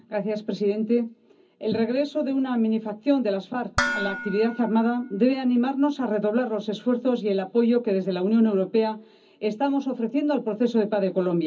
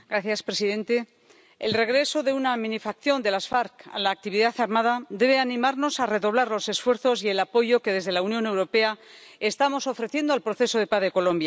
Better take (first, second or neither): second